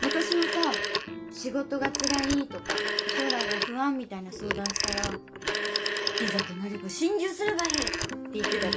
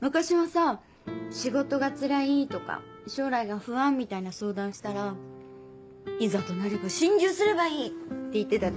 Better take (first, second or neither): second